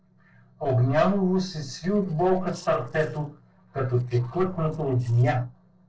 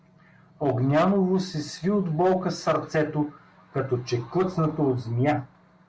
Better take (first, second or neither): second